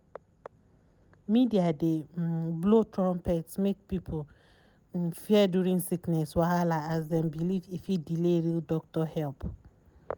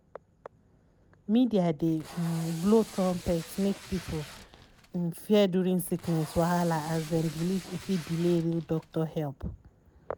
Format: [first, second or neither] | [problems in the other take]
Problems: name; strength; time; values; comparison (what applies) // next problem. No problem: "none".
first | background sound (Packing tape, duct tape); 17 dB below the speech